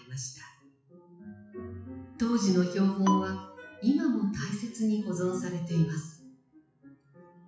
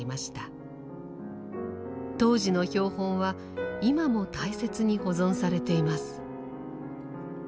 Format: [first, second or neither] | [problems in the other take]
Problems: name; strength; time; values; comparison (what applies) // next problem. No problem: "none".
second | noise reduction (classical method WPE with log-MMSE)